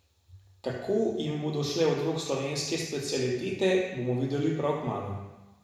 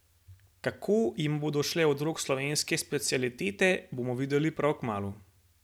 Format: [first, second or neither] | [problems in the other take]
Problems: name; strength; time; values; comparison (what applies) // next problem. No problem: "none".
second | room echo; dies away in 1 s